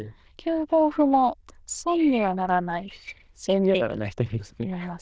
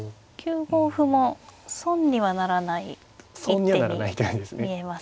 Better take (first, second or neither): second